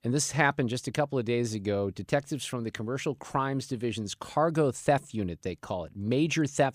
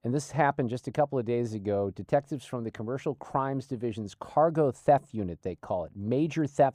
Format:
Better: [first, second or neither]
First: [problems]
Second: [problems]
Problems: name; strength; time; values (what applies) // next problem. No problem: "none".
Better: first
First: none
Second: muffled; slightly; fading above 1.5 kHz